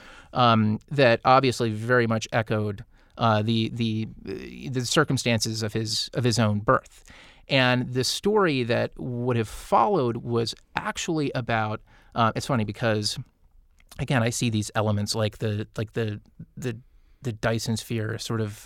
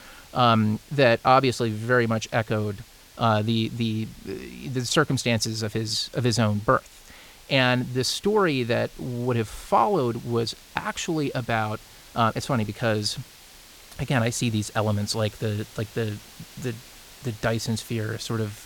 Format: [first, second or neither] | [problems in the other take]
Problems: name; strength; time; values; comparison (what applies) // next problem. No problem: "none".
first | hiss; faint; throughout; 20 dB below the speech